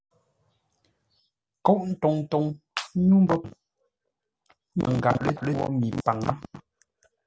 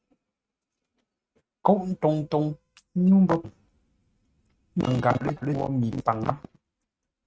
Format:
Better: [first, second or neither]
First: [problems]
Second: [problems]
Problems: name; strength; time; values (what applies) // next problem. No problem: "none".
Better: first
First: none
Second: noise reduction (neural mask model RNNoise)